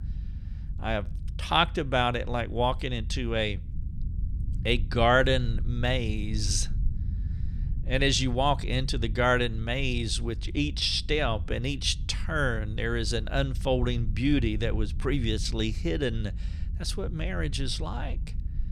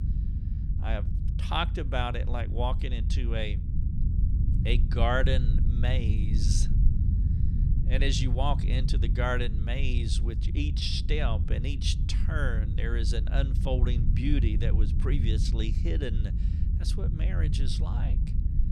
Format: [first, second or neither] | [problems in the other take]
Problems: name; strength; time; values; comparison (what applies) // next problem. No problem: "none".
first | low rumble; loud; throughout; 9 dB below the speech; faint in the first